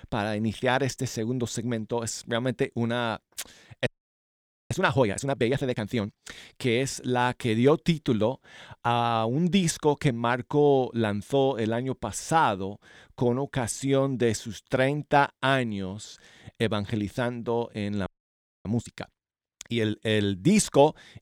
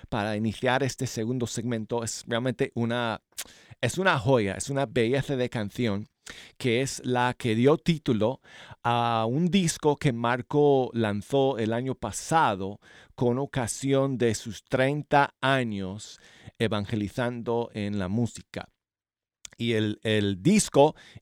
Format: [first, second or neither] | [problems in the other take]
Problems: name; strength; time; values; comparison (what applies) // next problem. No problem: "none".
second | audio freezing; at 4 s for 1 s and at 18 s for 0.5 s